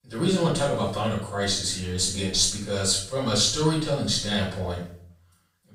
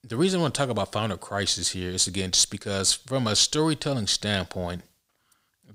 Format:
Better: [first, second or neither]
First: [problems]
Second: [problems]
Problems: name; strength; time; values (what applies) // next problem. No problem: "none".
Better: second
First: off-mic speech; far // room echo; noticeable; dies away in 0.5 s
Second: none